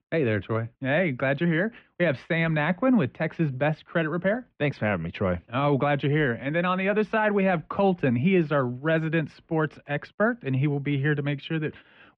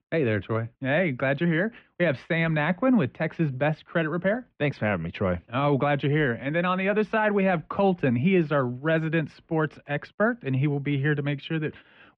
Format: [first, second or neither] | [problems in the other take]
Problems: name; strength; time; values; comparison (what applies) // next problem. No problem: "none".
neither | muffled; very; fading above 3 kHz; the same in both